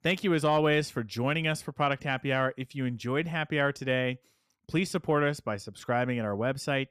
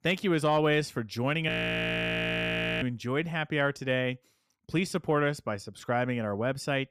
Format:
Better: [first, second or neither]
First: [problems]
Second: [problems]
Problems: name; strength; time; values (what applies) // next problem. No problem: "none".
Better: first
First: none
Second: audio freezing; at 1.5 s for 1.5 s